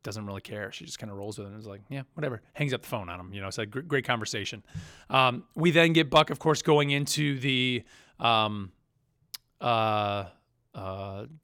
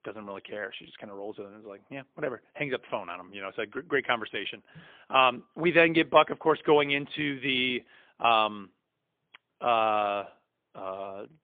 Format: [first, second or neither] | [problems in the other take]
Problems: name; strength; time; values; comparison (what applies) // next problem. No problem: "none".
first | phone-call audio; poor line; nothing above 3.5 kHz